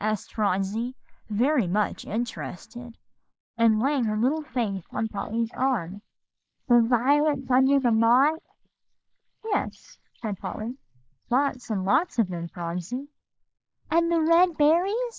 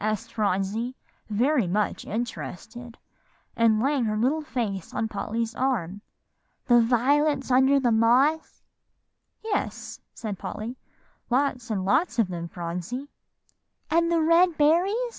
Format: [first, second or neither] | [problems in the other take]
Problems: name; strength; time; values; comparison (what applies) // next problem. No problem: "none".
second | noise reduction (neural mask model Resemble Enhance denoiser)